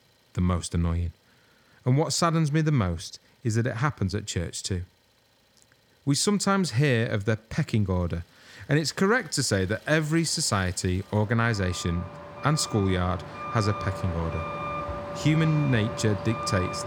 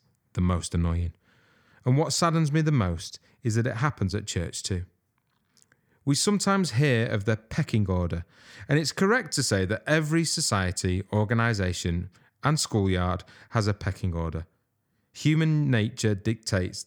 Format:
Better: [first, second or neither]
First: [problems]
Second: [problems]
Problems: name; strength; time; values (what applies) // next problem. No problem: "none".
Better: second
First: traffic noise; loud; throughout; 10 dB below the speech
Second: none